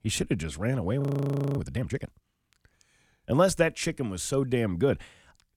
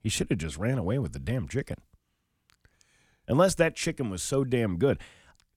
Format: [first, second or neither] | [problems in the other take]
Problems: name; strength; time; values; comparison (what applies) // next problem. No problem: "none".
second | audio freezing; at 1 s for 0.5 s